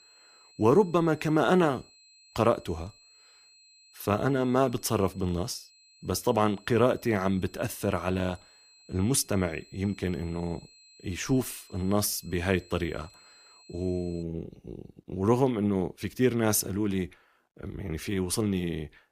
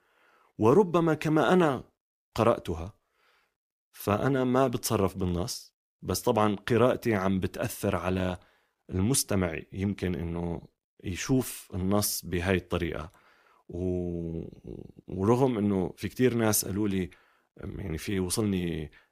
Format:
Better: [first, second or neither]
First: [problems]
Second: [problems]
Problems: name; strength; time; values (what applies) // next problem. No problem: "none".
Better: second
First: high-pitched whine; faint; until 14 s; 4 kHz, 25 dB below the speech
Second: none